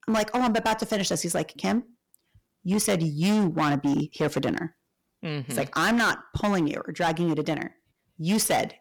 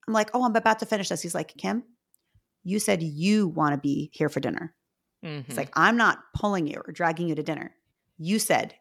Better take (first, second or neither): second